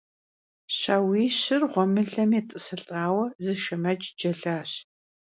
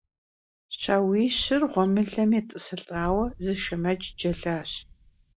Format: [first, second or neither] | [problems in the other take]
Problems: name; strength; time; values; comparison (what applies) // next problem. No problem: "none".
first | noise reduction (neural mask model DeepFilterNet 3)